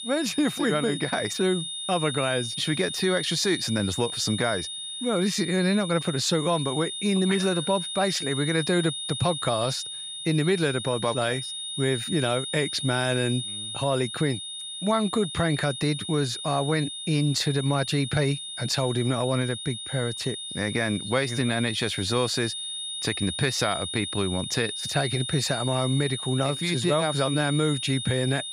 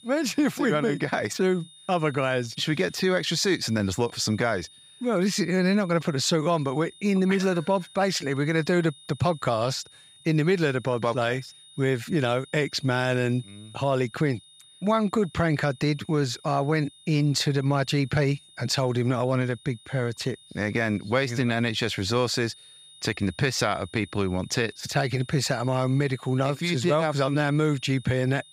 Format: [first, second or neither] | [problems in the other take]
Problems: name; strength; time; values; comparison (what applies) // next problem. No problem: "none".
second | high-pitched whine; loud; throughout; 3.5 kHz, 5 dB below the speech; faint in the second